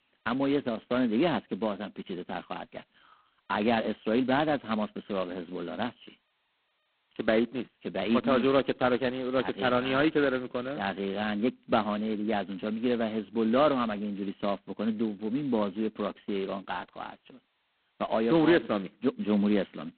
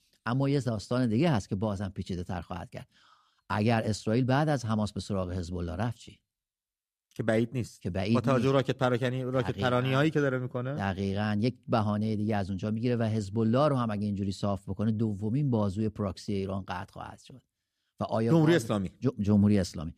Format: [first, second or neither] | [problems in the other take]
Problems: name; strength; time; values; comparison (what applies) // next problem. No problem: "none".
second | phone-call audio; poor line; nothing above 4 kHz